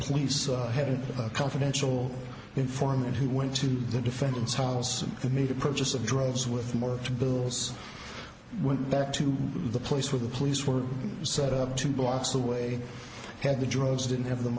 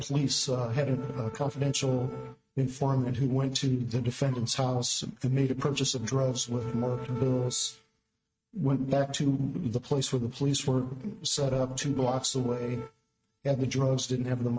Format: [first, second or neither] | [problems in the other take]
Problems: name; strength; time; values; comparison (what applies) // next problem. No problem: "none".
first | noise reduction (neural mask model RNNoise)